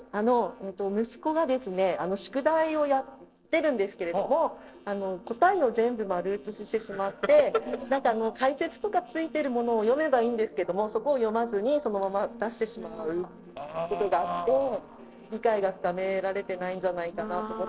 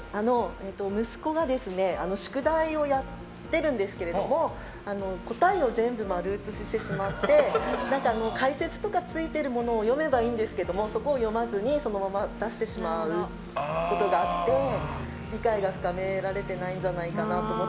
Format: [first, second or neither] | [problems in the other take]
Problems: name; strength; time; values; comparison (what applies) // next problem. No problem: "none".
second | noise reduction (neural separator model SepFormer DNS4)